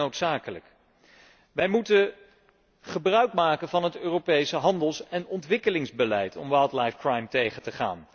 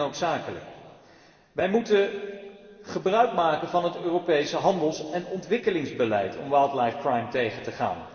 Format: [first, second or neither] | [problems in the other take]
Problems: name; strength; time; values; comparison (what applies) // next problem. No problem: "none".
first | room echo; dies away in 2.7 s